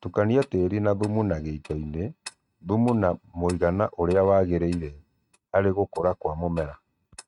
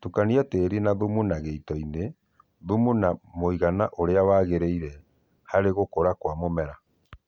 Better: second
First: noise reduction (neural mask model RNNoise)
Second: none

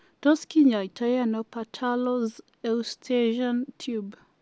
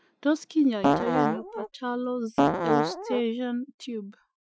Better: first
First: none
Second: noise reduction (classical method Wiener filter)

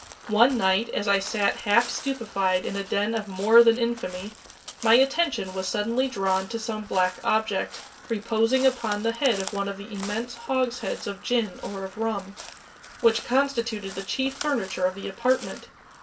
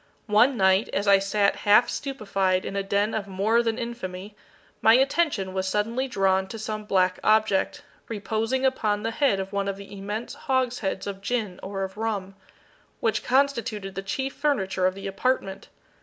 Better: second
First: background sound (Crow); 17 dB below the speech // room echo; dies away in 0.1 s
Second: none

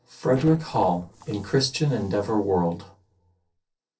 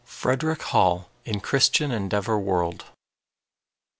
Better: second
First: noise reduction (neural separator model SepFormer DNS4)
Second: none

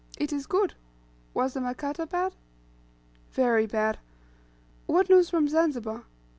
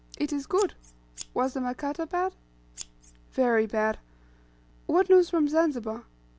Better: first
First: none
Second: background sound (Scissors); 18 dB below the speech

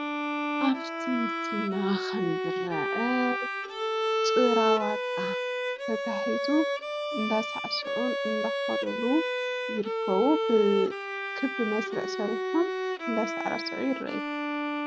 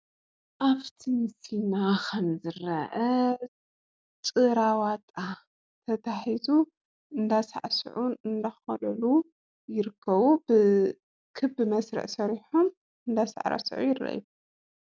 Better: second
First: background sound (Bowed string instrument); as loud as the speech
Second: none

